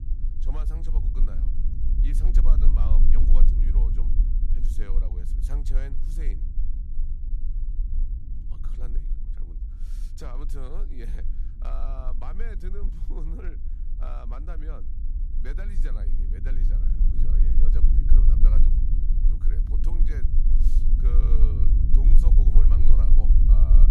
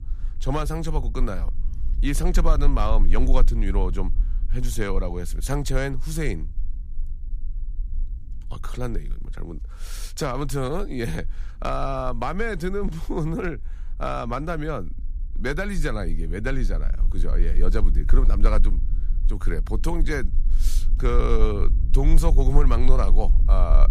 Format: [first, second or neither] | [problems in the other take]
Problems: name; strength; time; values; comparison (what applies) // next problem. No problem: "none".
second | low rumble; loud; throughout; 1 dB below the speech; faint in the second